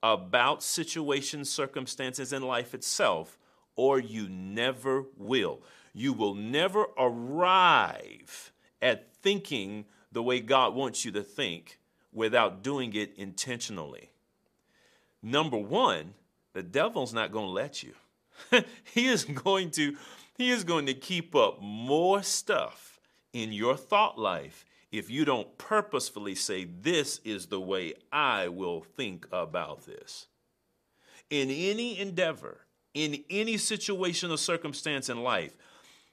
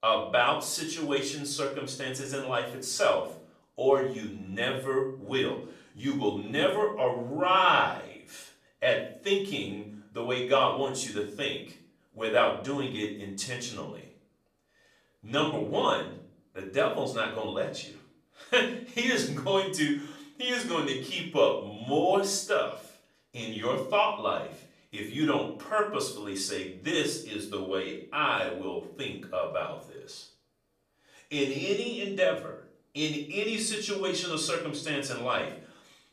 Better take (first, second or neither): first